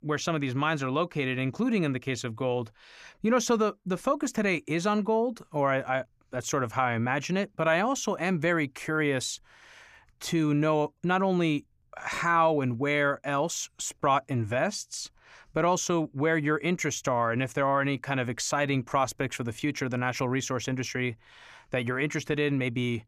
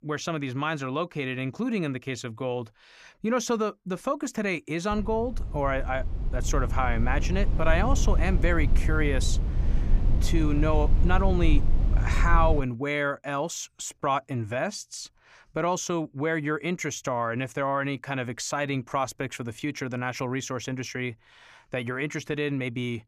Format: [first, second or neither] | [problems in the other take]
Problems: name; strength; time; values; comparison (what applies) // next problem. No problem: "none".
first | low rumble; noticeable; from 5 to 13 s; 15 dB below the speech